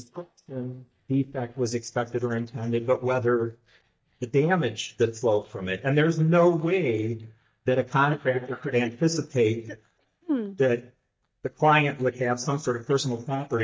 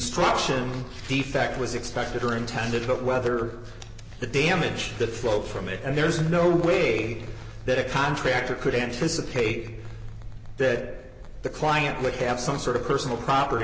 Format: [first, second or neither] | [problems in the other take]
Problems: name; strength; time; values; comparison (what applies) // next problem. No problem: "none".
second | noise reduction (neural mask model DeepFilterNet 3)